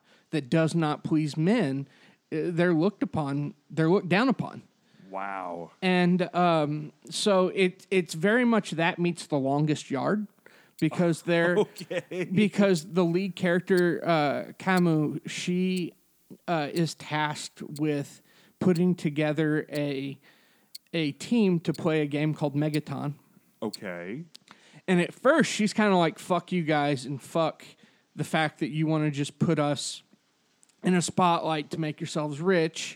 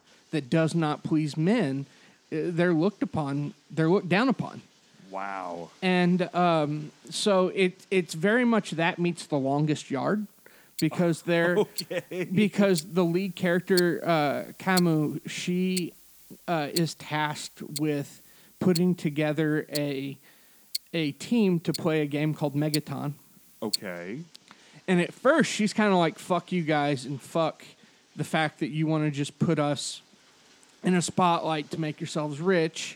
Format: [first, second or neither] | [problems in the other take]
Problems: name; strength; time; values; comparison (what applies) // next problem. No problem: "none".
first | household noises; loud; throughout; 10 dB below the speech; faint in the first